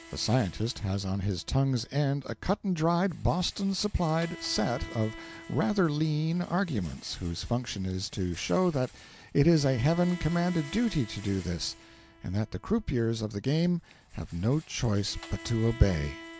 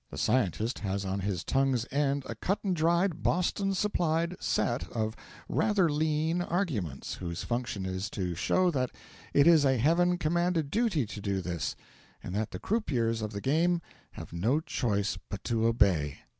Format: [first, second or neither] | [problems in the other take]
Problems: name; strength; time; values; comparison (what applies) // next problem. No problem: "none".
second | background sound (Bowed string instrument + Rattle); 20 dB below the speech